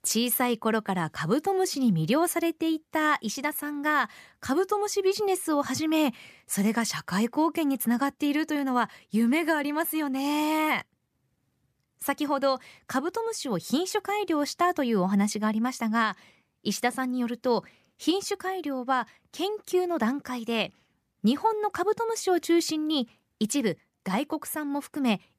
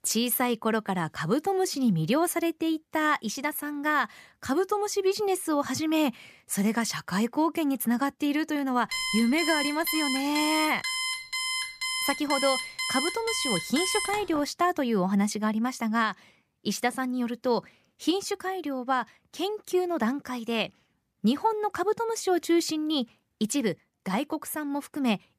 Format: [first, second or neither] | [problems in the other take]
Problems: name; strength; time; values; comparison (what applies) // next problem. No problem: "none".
first | alarm; loud; from 9 to 14 s; peak level with the speech